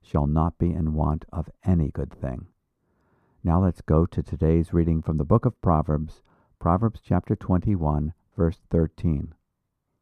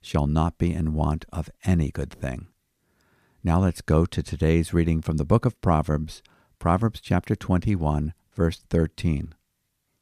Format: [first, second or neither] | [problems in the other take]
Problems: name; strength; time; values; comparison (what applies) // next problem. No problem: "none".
second | muffled; very; fading above 1.5 kHz